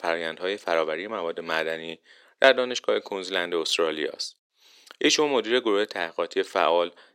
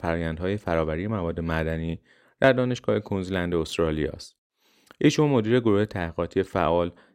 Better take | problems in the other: second | thin; somewhat; fading below 400 Hz

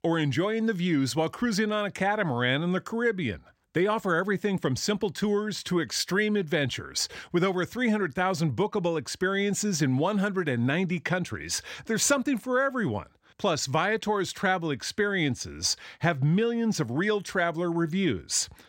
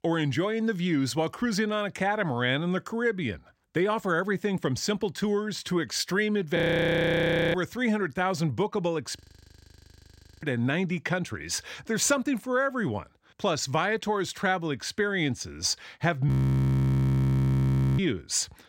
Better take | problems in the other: first | audio freezing; at 6.5 s for 1 s, at 9 s for 1 s and at 16 s for 1.5 s

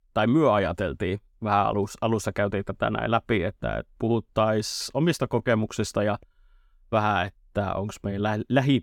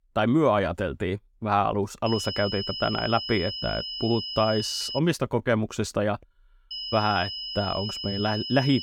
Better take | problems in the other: first | high-pitched whine; loud; from 2 to 5 s and from 6.5 s on; 5 kHz, 5 dB below the speech

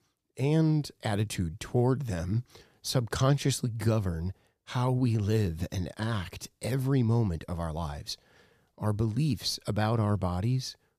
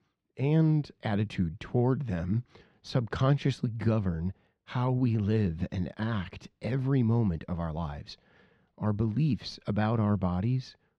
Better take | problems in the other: first | muffled; slightly; fading above 2.5 kHz

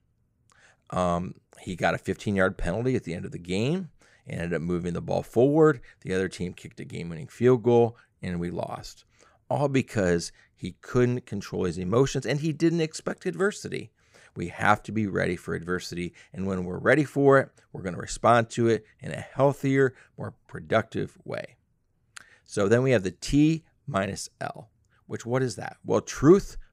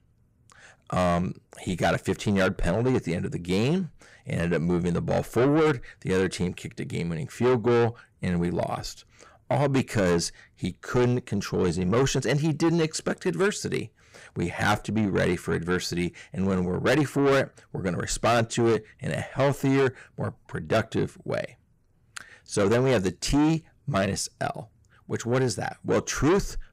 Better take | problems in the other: first | distortion; heavy; 6 dB below the speech

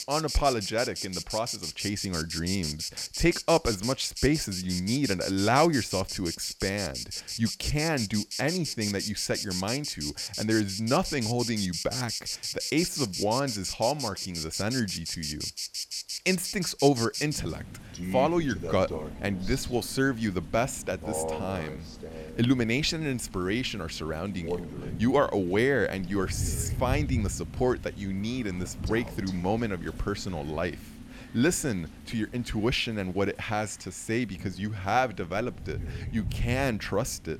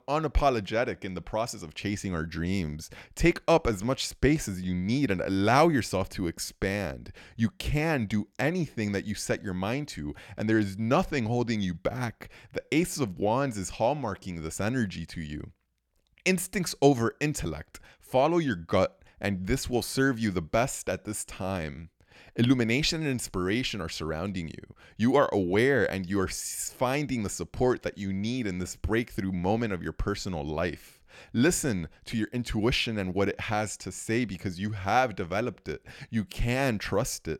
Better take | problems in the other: second | animal sounds; loud; throughout; 5 dB below the speech

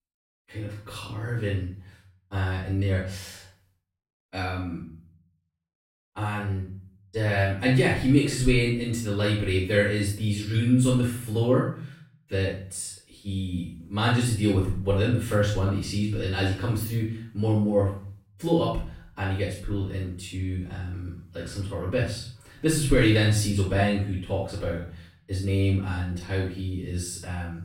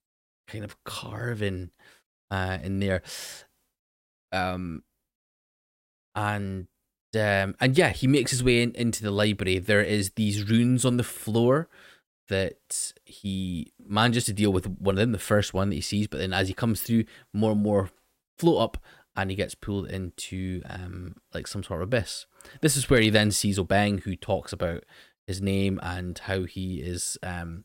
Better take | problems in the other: second | off-mic speech; far // room echo; noticeable; dies away in 0.5 s

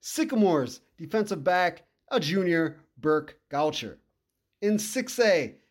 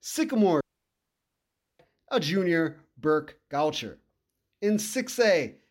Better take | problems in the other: first | audio cutting out; at 0.5 s for 1 s

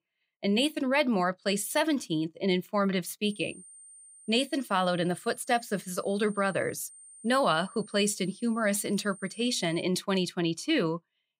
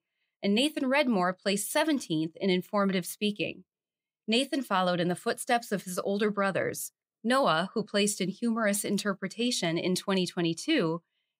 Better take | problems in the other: second | high-pitched whine; faint; from 3.5 to 10 s; 9 kHz, 20 dB below the speech

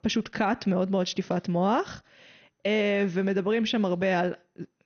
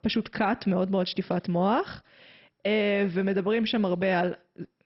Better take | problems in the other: first | garbled, watery; badly; nothing above 5.5 kHz; slightly in the first

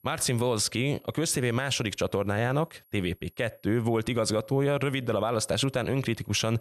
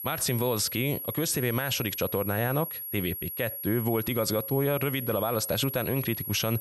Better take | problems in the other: first | high-pitched whine; loud; throughout; 11.5 kHz, 5 dB below the speech; faint in the first

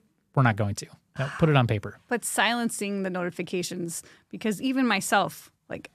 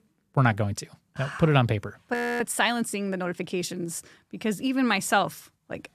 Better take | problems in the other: first | audio freezing; at 2 s

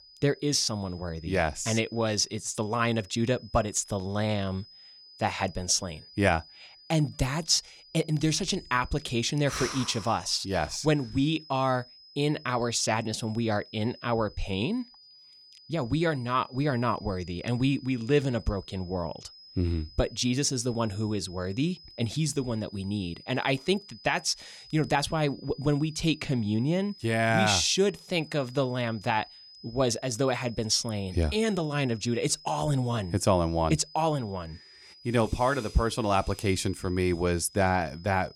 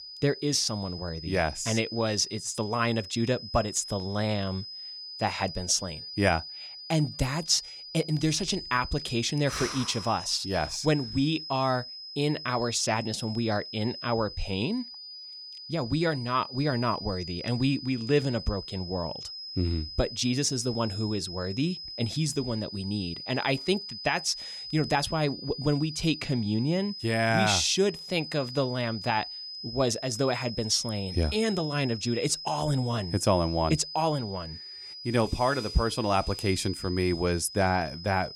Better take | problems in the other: first | high-pitched whine; loud; throughout; 5 kHz, 10 dB below the speech; faint in the first

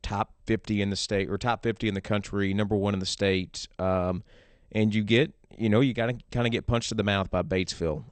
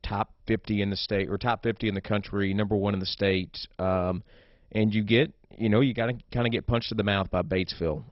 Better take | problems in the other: first | garbled, watery; badly; nothing above 5.5 kHz; slightly in the first

